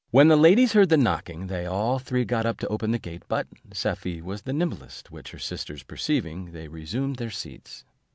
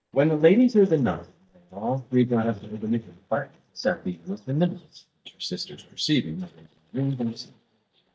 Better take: first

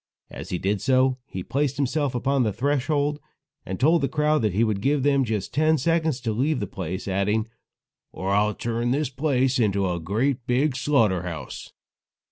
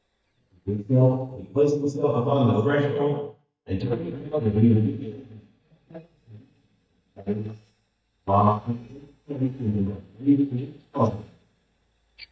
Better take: first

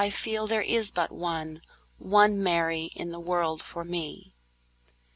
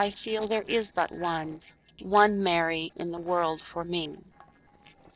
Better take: first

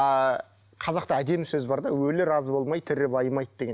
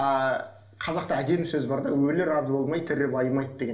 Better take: first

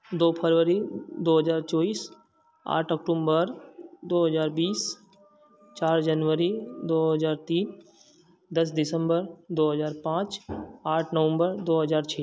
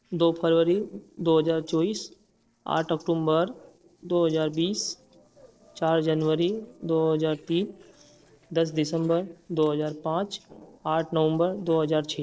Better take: first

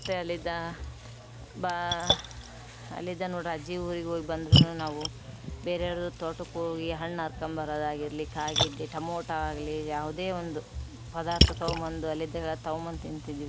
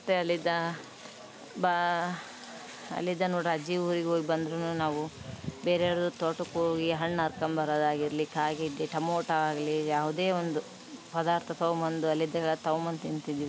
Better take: second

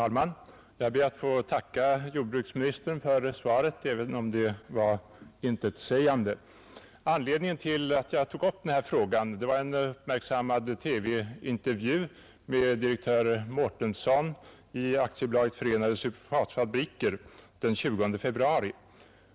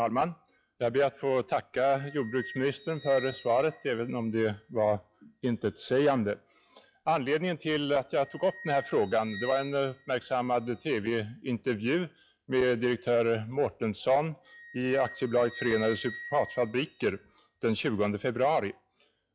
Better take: first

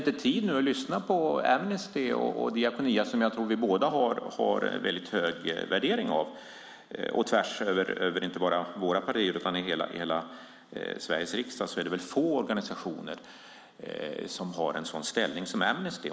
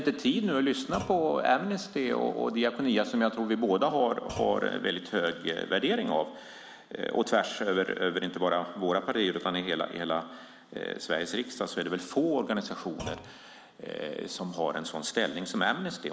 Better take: first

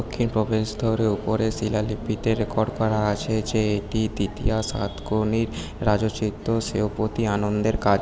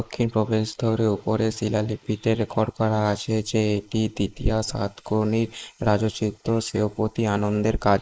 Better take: first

